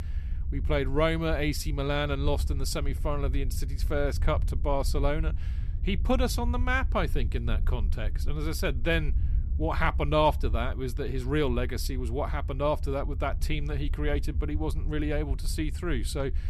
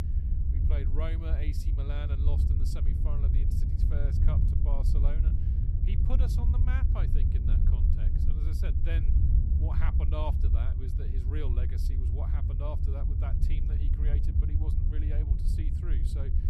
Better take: first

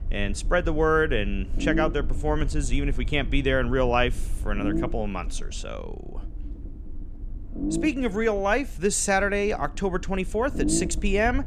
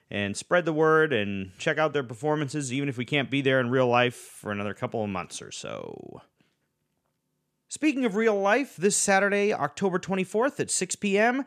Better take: second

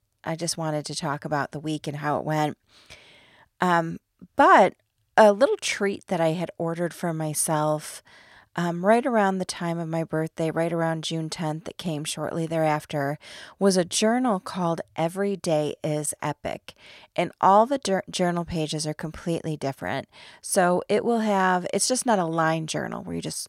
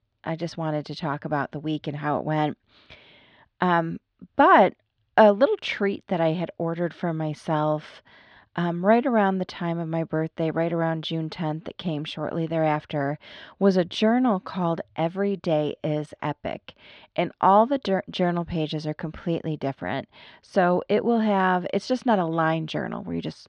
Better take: first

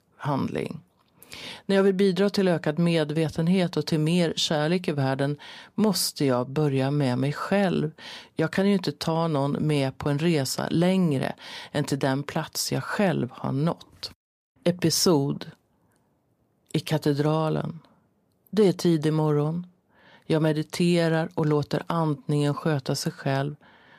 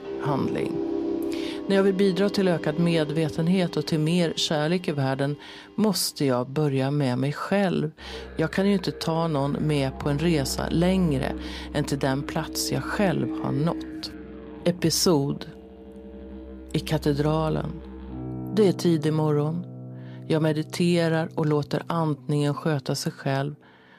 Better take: first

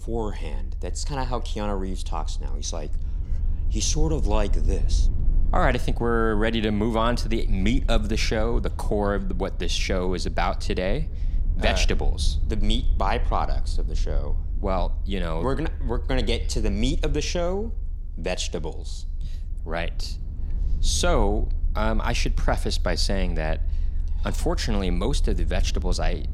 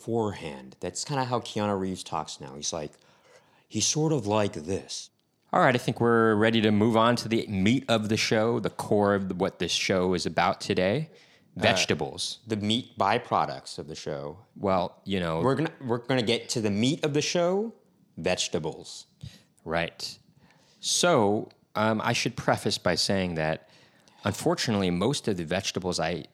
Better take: second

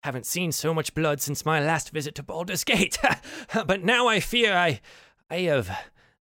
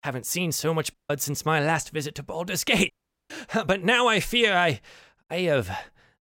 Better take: first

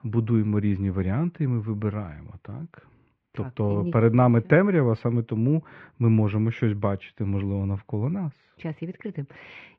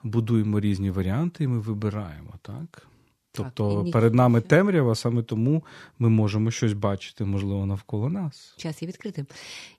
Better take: second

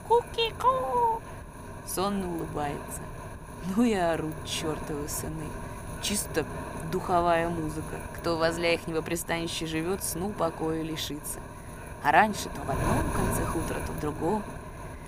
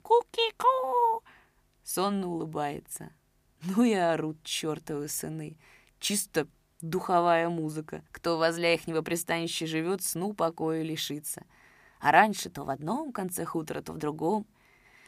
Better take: second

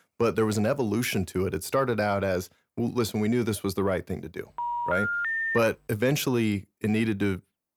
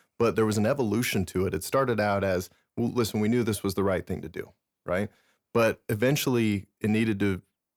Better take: second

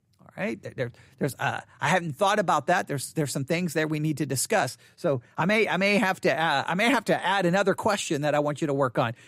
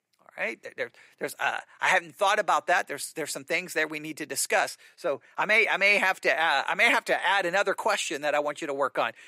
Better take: first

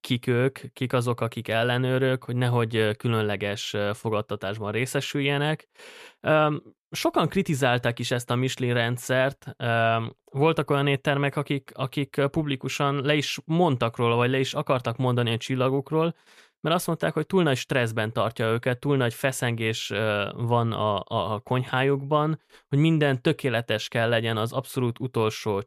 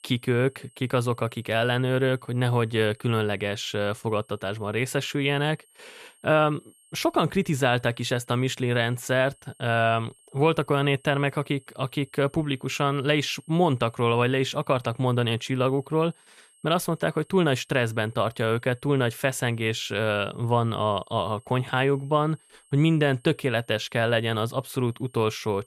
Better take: first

